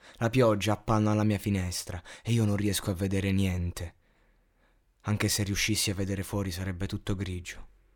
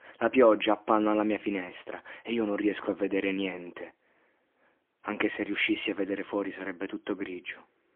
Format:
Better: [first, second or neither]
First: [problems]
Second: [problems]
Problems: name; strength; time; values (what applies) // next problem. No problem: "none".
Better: first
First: none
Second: phone-call audio; poor line; nothing above 3.5 kHz